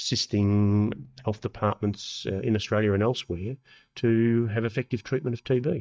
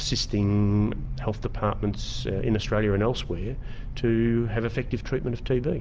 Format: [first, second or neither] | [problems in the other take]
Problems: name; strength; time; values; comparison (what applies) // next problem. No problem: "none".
second | noise reduction (neural mask model DeepFilterNet 3)